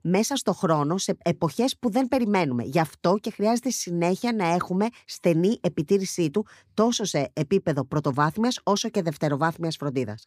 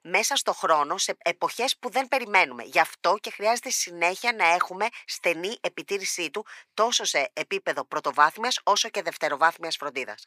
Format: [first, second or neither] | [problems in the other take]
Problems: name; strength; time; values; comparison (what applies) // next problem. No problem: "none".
first | thin; very; fading below 800 Hz